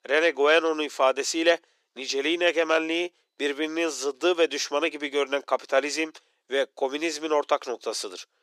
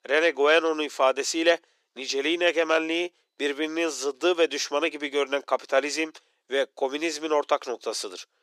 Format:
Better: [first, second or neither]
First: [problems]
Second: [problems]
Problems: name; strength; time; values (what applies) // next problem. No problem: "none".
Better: neither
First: thin; very; fading below 350 Hz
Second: thin; very; fading below 350 Hz